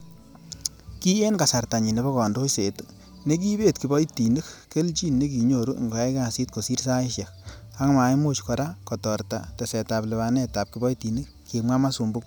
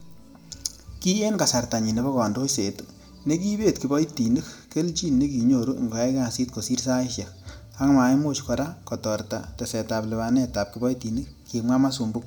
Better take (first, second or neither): first